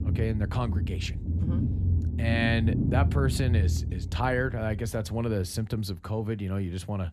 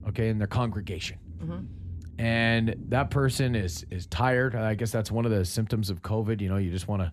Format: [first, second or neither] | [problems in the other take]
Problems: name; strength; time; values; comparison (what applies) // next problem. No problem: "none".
second | low rumble; loud; throughout; 8 dB below the speech; faint in the second